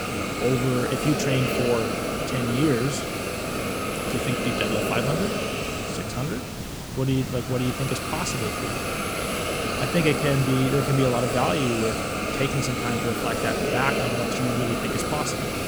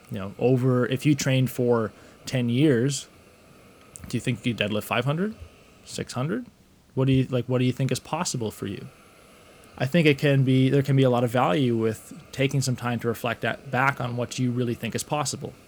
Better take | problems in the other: second | hiss; loud; throughout; as loud as the speech; faint in the second

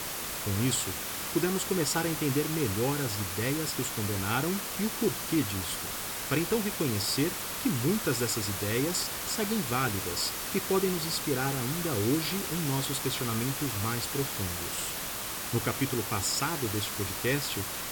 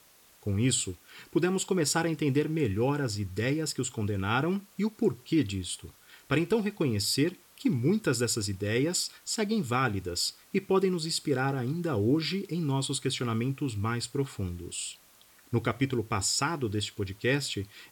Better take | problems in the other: second | hiss; loud; throughout; 2 dB below the speech; faint in the second

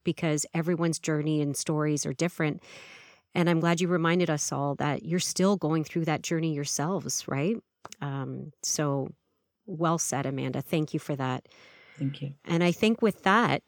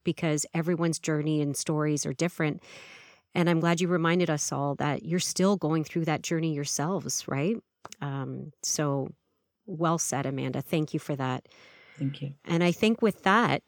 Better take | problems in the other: neither | none

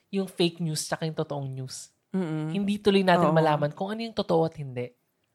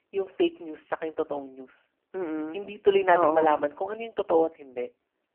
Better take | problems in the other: first | phone-call audio; poor line; nothing above 3 kHz

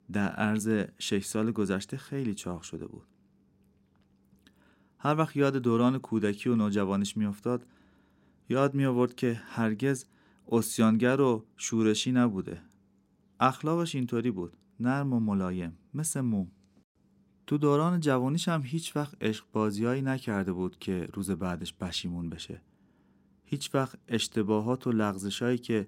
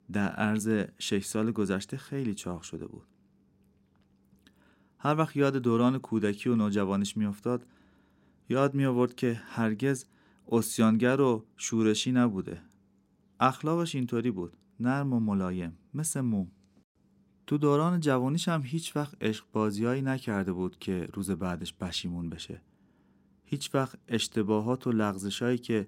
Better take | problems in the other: neither | none

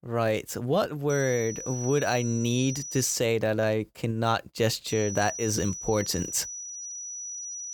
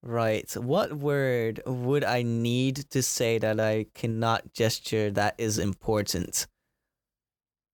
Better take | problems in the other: second | high-pitched whine; loud; from 1 to 3 s and from 5 s on; 6 kHz, 8 dB below the speech

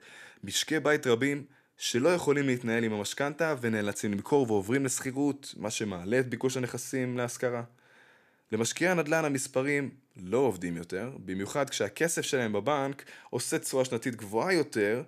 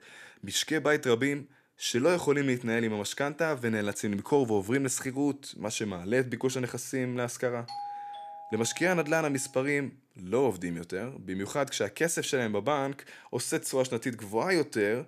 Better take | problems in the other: first | doorbell; noticeable; from 7.5 to 9.5 s; peak 9 dB below the speech

